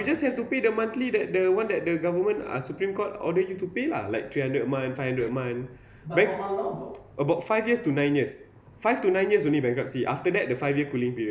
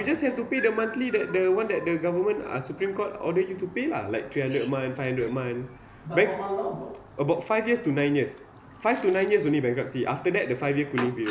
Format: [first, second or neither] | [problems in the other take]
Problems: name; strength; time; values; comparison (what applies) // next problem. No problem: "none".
first | background sound (Chirp, tweet); 18 dB below the speech